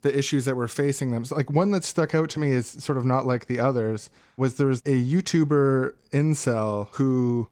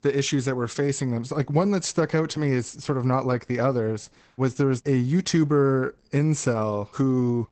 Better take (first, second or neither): first